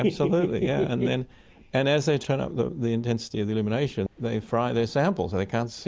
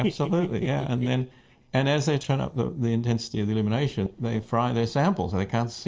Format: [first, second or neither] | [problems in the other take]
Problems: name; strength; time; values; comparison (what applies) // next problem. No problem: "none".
first | noise reduction (neural separator model SepFormer DNS4)